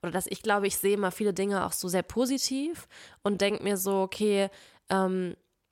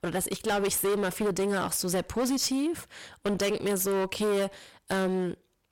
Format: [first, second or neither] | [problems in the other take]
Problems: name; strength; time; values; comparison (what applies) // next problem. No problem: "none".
first | distortion; heavy; 18% of the sound clipped